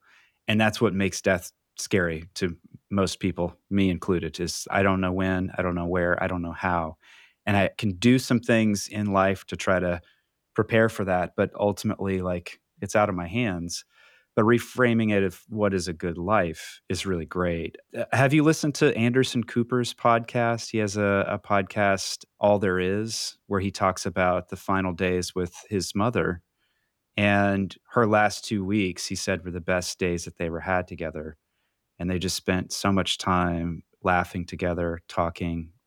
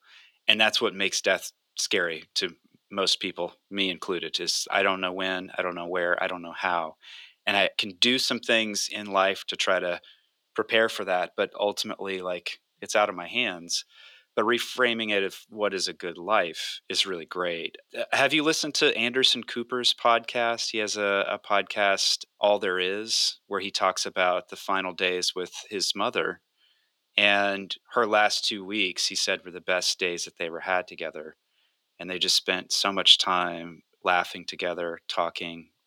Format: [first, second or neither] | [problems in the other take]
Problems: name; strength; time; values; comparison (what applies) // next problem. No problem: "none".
first | thin; somewhat; fading below 400 Hz